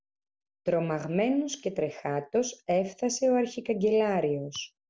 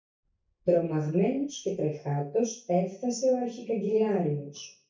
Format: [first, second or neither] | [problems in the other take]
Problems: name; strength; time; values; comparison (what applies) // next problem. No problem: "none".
first | noise reduction (neural mask model DeepFilterNet 3)